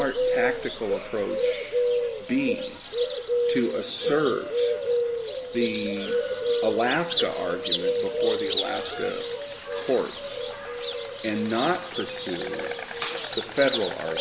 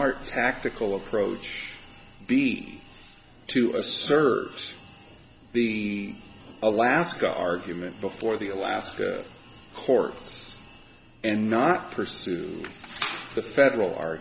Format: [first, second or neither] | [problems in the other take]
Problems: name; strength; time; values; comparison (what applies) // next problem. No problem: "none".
second | background sound (Bird); 1 dB above the speech